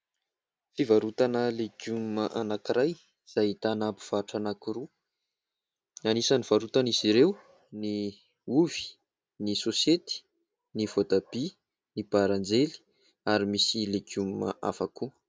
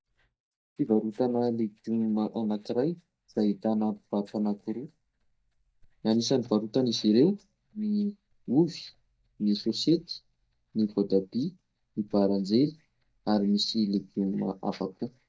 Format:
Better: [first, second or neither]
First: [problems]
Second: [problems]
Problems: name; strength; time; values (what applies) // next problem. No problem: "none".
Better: first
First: none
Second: noise reduction (neural mask model DeepFilterNet 3)